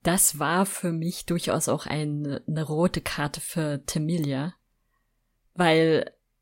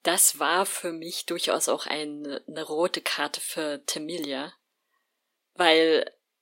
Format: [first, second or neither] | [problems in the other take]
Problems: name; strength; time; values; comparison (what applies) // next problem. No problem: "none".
first | thin; somewhat; fading below 300 Hz